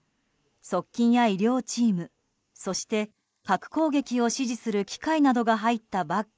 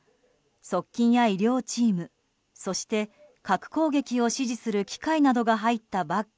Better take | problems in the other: second | noise reduction (neural mask model Resemble Enhance denoiser)

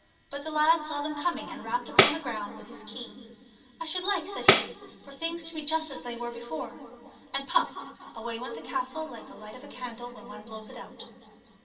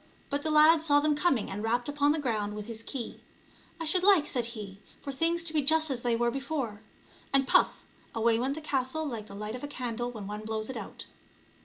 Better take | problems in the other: second | background sound (Tambourine); 5 dB above the speech // room echo; dies away in 2.6 s

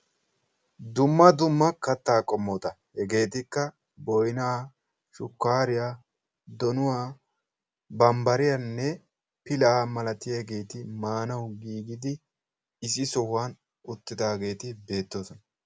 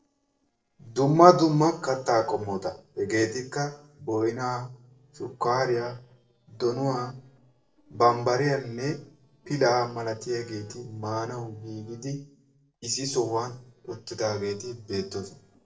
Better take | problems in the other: first | noise reduction (neural separator model SepFormer DNS4)

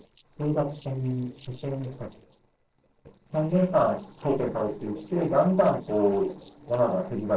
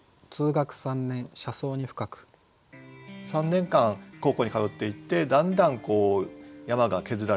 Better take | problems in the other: second | noise reduction (neural separator model SepFormer DNS4)

